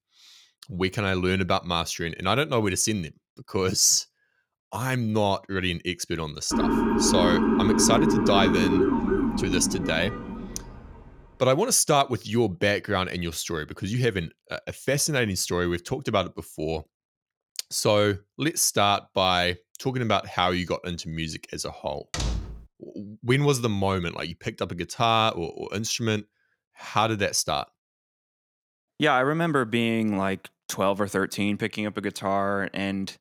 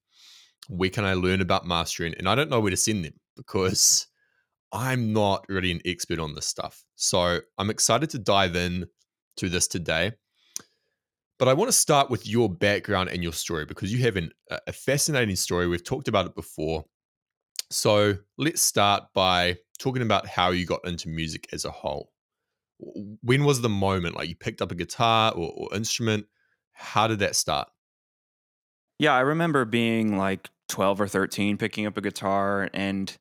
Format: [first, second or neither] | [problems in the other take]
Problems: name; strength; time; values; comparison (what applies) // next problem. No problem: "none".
second | siren; loud; from 6.5 to 11 s; peak 3 dB above the speech // door banging; noticeable; at 22 s; peak 5 dB below the speech